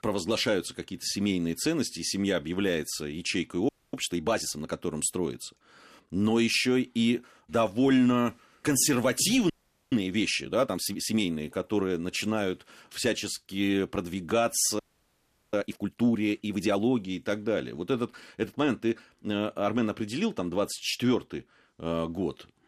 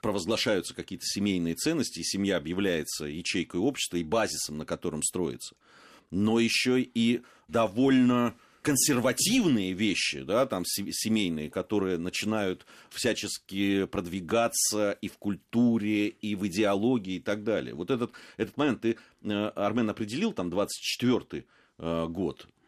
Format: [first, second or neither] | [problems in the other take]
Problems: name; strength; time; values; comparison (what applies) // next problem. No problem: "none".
second | audio freezing; at 3.5 s, at 9.5 s and at 15 s for 0.5 s